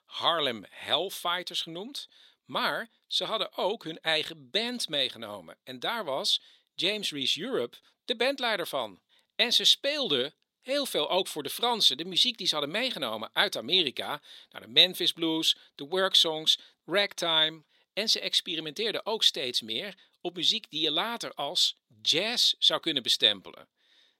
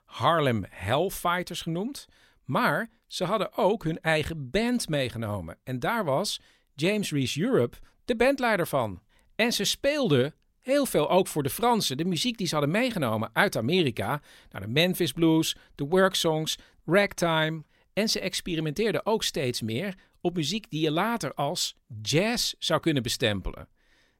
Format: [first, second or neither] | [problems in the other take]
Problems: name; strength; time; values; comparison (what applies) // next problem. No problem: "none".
second | thin; very slightly; fading below 300 Hz